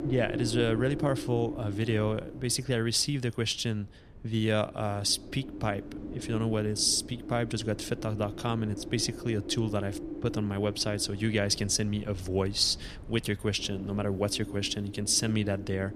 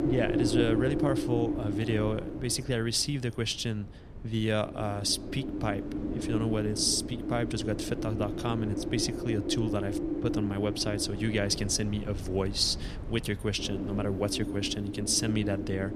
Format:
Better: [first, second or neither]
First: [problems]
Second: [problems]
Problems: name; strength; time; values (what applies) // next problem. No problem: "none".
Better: first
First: wind noise on the microphone; occasional gusts; 10 dB below the speech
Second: wind noise on the microphone; heavy; 5 dB below the speech